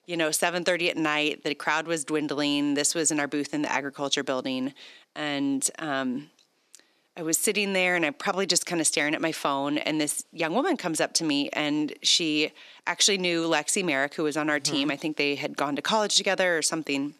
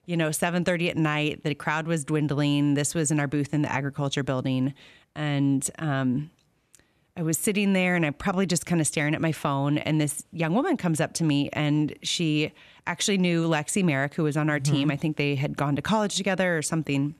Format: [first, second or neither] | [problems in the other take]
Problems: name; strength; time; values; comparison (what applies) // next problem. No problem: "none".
second | thin; somewhat; fading below 300 Hz